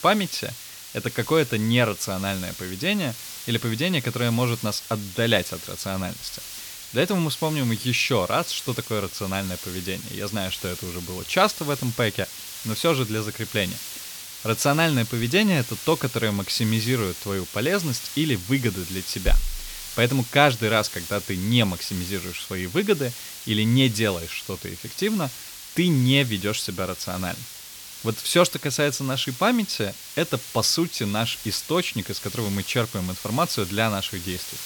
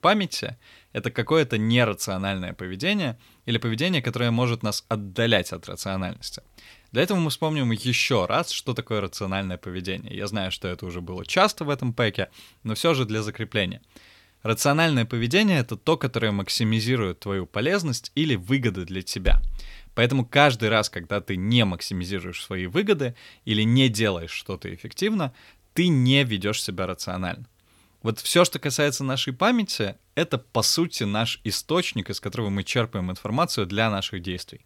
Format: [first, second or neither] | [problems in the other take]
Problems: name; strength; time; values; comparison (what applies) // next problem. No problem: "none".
second | hiss; noticeable; throughout; 10 dB below the speech